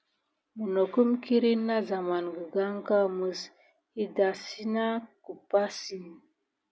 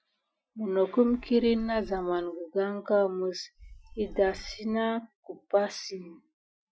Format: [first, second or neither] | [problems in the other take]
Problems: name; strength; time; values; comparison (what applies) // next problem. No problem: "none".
first | noise reduction (classical method Wiener filter)